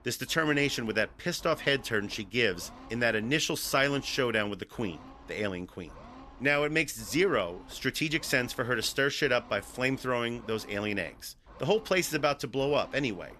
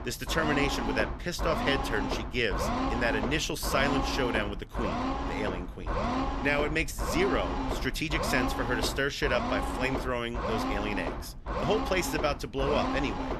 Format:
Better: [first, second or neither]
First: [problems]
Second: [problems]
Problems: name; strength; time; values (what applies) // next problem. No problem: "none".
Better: first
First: low rumble; faint; throughout; 25 dB below the speech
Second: low rumble; loud; throughout; 3 dB below the speech